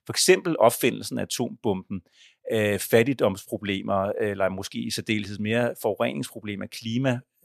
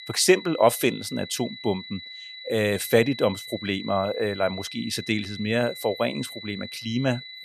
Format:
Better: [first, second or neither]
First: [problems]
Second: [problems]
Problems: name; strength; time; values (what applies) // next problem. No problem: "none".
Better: first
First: none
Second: high-pitched whine; noticeable; throughout; 4 kHz, 10 dB below the speech